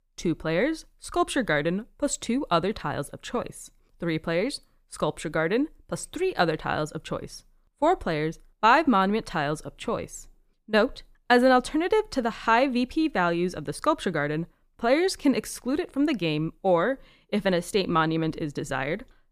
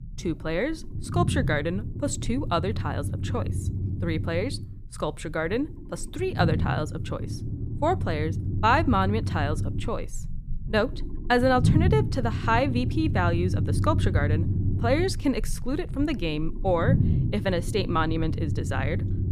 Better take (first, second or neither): first